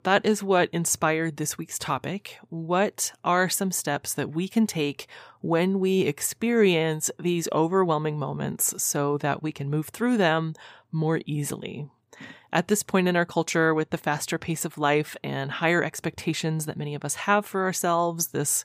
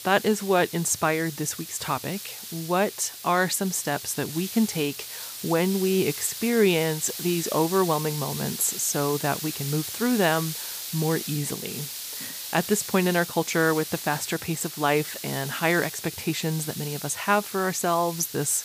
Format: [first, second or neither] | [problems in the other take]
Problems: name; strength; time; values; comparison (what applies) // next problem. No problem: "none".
first | hiss; loud; throughout; 8 dB below the speech